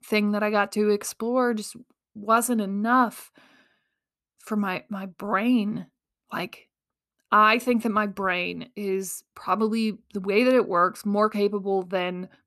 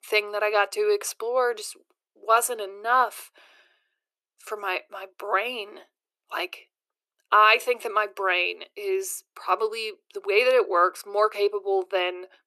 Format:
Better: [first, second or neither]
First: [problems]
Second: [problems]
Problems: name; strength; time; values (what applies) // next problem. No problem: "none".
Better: first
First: none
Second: thin; very; fading below 350 Hz